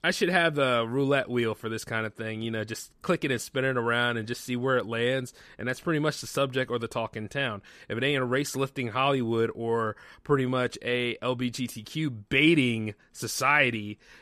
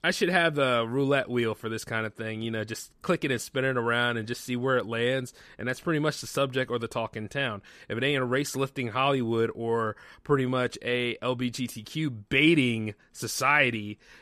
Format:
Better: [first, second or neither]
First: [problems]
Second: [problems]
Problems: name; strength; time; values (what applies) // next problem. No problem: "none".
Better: neither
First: none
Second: none